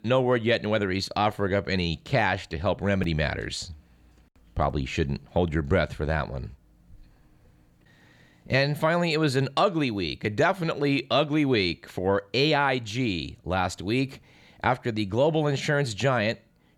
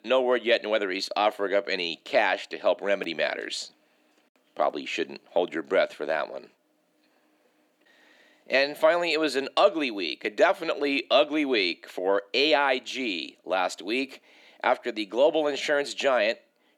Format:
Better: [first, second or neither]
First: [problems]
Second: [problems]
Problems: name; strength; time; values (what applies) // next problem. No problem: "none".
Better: first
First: none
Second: thin; somewhat; fading below 250 Hz